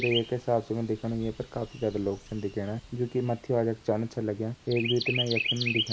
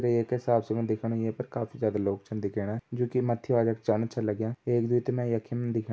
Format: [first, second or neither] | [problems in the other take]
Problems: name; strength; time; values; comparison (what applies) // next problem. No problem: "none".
second | background sound (Chirp, tweet); 7 dB below the speech